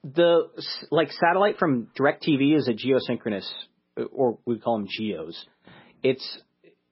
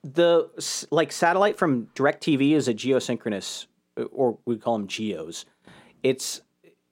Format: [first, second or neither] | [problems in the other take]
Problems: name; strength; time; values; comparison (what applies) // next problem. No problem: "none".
second | garbled, watery; badly; nothing above 5.5 kHz